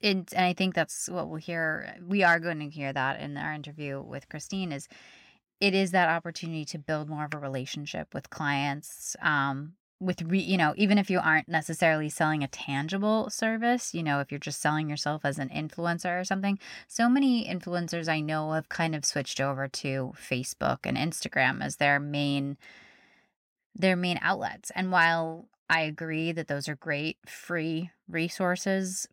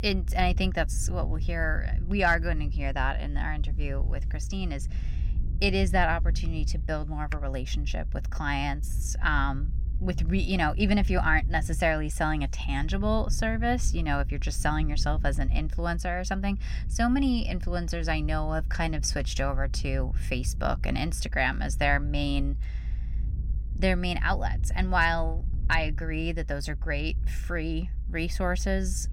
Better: first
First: none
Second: low rumble; faint; throughout; 20 dB below the speech

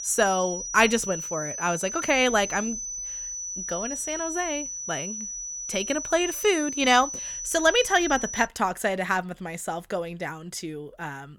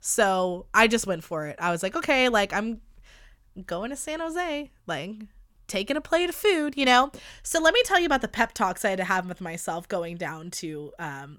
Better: second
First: high-pitched whine; loud; until 8.5 s; 6 kHz, 6 dB below the speech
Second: none

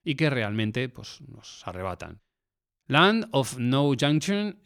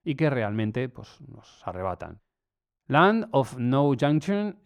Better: first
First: none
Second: muffled; slightly; fading above 2 kHz

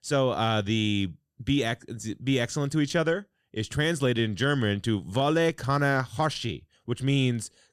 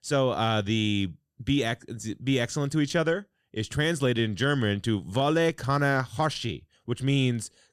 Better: neither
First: none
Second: none

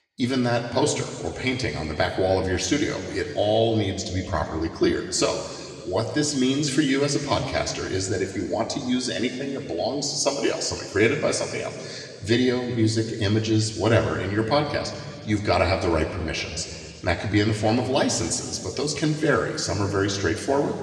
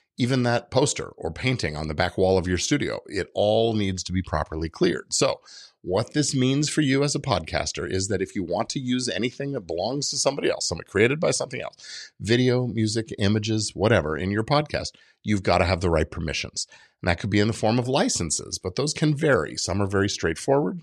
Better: second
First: room echo; slight; dies away in 2.5 s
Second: none

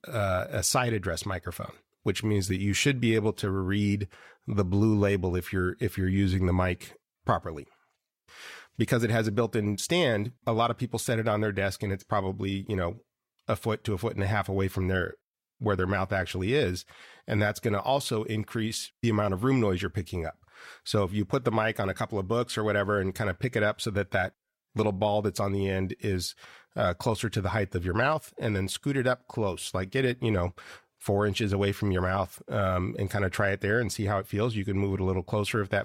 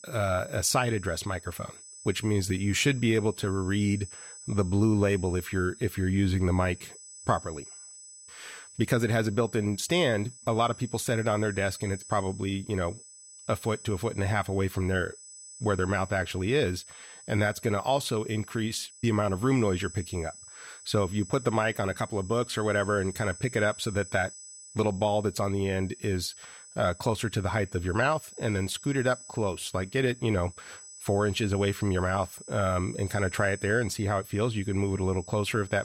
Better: first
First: none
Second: high-pitched whine; noticeable; throughout; 8 kHz, 15 dB below the speech

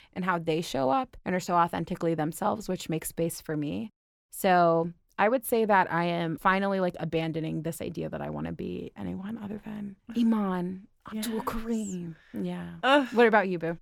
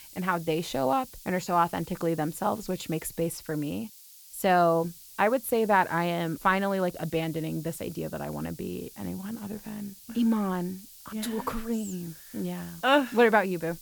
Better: first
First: none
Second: hiss; noticeable; throughout; 20 dB below the speech

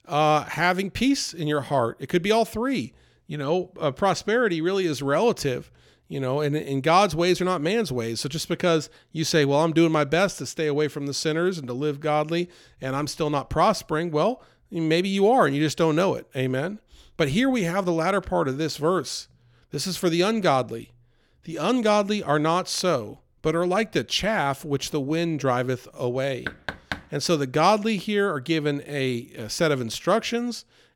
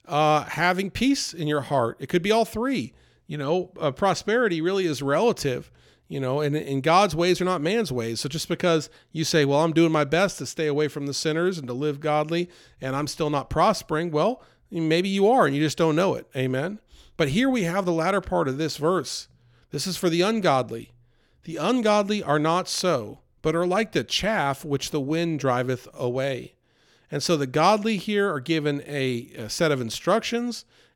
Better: second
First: door banging; noticeable; at 26 s; peak 9 dB below the speech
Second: none

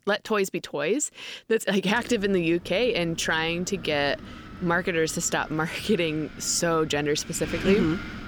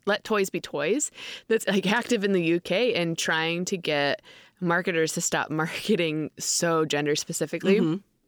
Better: second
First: wind noise on the microphone; occasional gusts; from 2 s on; 15 dB below the speech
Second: none

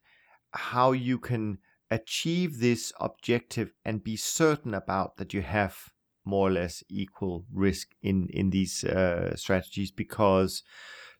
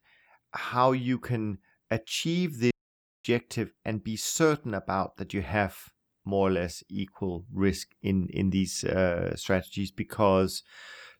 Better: first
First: none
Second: audio cutting out; at 2.5 s for 0.5 s

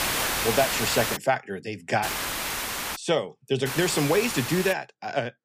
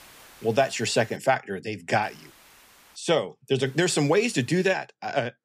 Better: second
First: hiss; loud; until 1 s, at 2 s and from 3.5 to 4.5 s; 2 dB below the speech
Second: hiss; faint; until 1 s, at 2 s and from 3.5 to 4.5 s; 25 dB below the speech

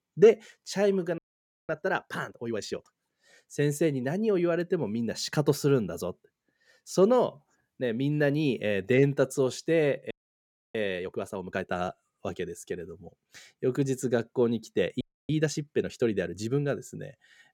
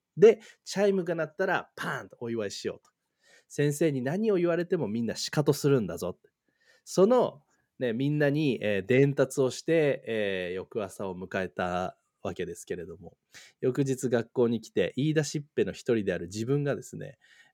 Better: second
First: audio freezing; at 1 s for 0.5 s, at 10 s for 0.5 s and at 15 s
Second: none

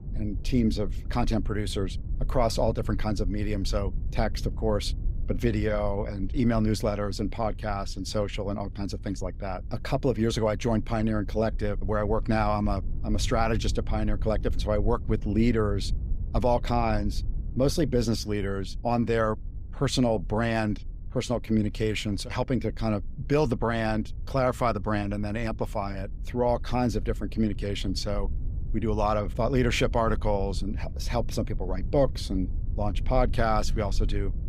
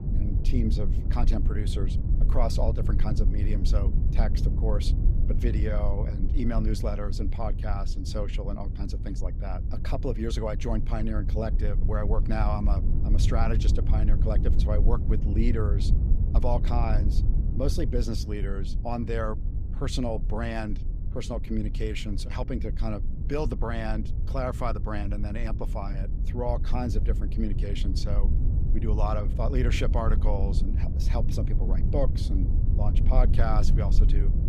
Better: first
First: low rumble; faint; throughout; 25 dB below the speech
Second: low rumble; loud; throughout; 9 dB below the speech

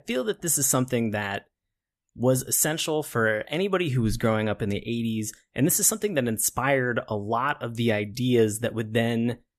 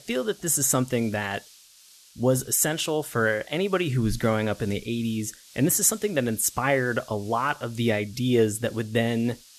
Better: first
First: none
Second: hiss; faint; throughout; 25 dB below the speech

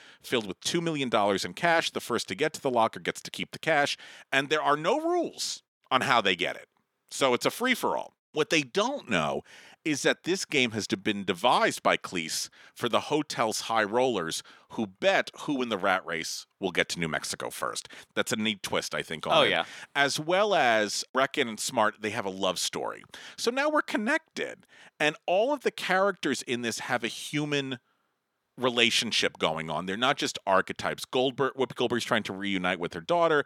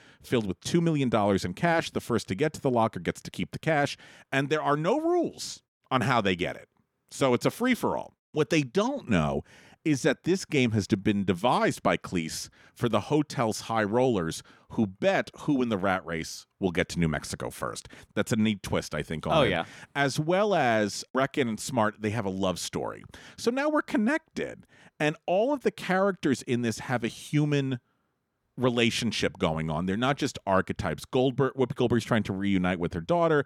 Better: second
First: thin; very slightly; fading below 650 Hz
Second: none

